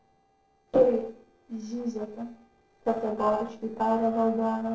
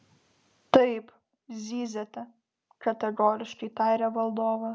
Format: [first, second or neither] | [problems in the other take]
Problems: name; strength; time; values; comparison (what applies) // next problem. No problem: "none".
second | noise reduction (neural separator model SepFormer DNS4)